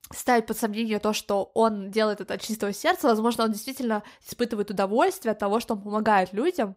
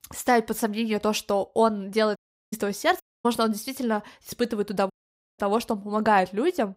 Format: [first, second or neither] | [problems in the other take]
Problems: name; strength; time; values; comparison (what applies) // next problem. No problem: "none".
first | audio cutting out; at 2 s, at 3 s and at 5 s